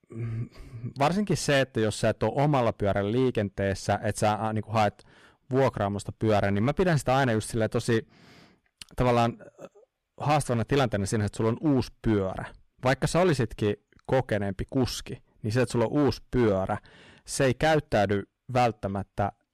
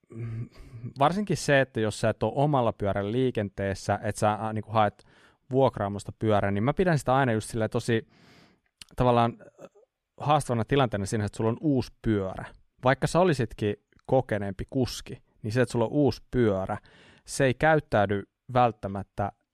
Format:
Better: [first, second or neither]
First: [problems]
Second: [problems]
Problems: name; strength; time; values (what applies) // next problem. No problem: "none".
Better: second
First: distortion; slight; 6% of the sound clipped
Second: none